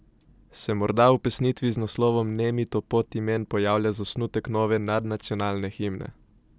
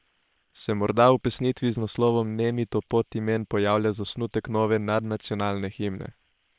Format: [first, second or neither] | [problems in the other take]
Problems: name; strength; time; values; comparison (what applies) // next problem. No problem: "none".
first | noise reduction (neural separator model SepFormer WHAM!)